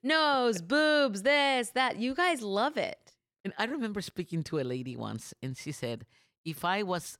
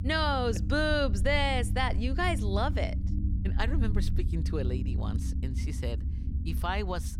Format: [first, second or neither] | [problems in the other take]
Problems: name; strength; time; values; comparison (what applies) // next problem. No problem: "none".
first | low rumble; noticeable; throughout; 15 dB below the speech